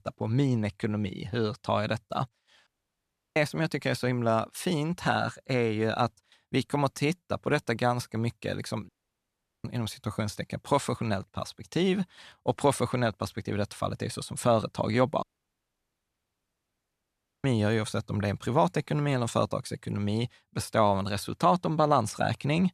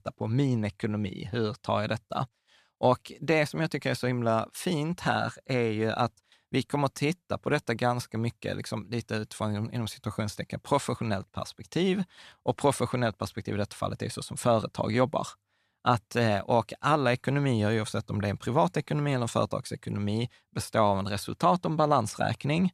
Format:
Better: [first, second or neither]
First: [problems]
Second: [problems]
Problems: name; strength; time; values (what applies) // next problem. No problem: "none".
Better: second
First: audio cutting out; at 2.5 s for 0.5 s, at 9 s for 1 s and at 15 s for 2 s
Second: none